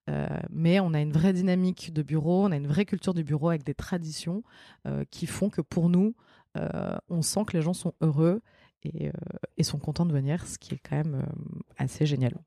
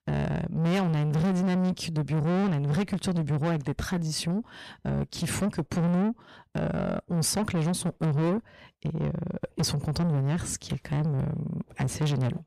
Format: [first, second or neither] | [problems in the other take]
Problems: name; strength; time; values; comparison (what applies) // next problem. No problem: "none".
first | distortion; heavy; 7 dB below the speech